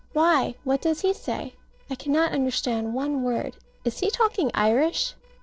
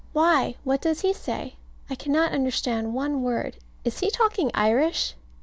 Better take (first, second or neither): second